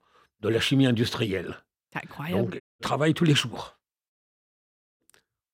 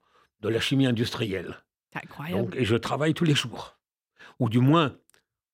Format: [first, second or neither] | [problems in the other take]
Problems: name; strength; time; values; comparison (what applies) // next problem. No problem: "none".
second | audio cutting out; at 2.5 s and at 4 s for 1 s